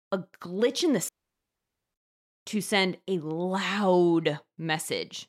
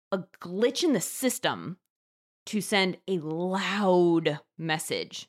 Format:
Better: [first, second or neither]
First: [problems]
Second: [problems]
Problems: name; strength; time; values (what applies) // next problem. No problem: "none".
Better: second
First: audio cutting out; at 1 s for 1 s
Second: none